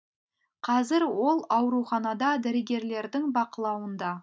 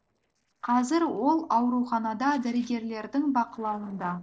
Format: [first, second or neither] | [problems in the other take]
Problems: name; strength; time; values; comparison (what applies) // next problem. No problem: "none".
first | noise reduction (neural separator model SepFormer DNS4)